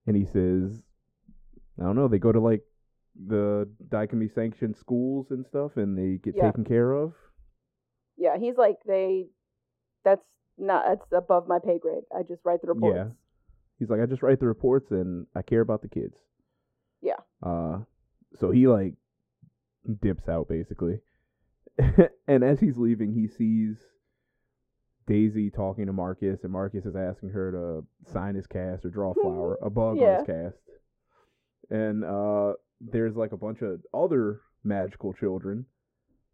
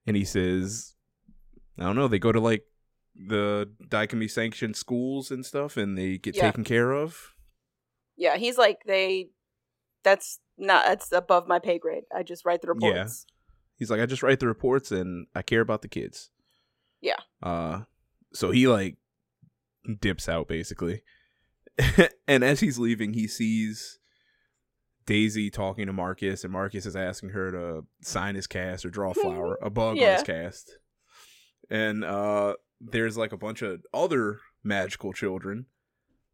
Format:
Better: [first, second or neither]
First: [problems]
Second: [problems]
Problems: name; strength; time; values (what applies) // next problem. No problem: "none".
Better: second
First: muffled; very; fading above 2 kHz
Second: none